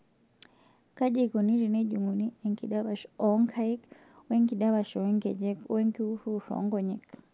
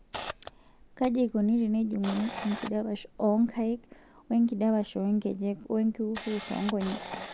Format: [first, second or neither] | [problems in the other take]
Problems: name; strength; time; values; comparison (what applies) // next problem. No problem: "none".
first | background sound (Camera); 15 dB below the speech